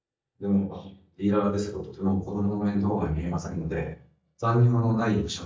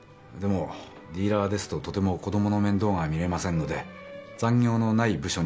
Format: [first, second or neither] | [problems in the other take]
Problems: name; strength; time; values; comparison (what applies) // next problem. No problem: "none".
second | noise reduction (neural mask model DeepFilterNet 3)